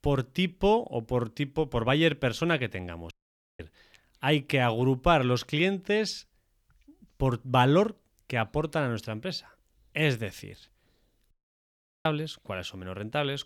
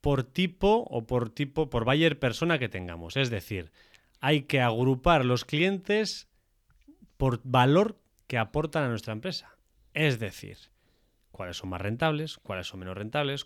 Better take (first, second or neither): second